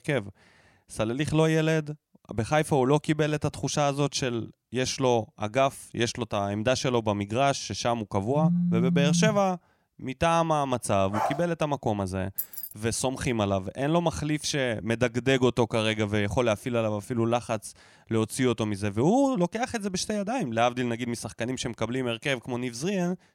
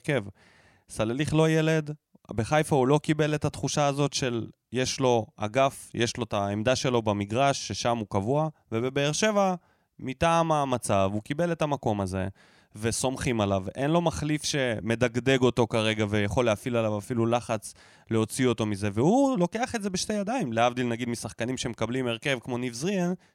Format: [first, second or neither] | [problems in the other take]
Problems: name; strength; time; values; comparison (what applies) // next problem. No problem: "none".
second | phone ringing; loud; from 8.5 to 9.5 s; peak 2 dB above the speech // dog barking; noticeable; at 11 s; peak 3 dB below the speech // jangling keys; noticeable; at 12 s; peak 5 dB below the speech